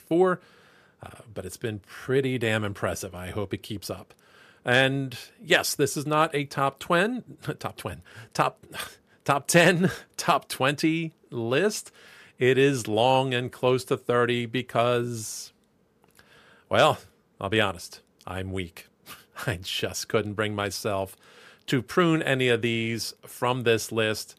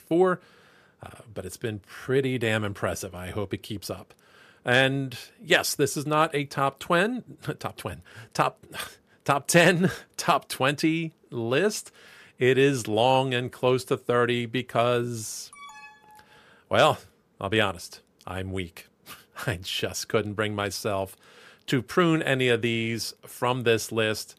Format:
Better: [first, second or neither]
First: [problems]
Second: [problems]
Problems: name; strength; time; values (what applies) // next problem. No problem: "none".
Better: first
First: none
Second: alarm; faint; at 16 s; peak 20 dB below the speech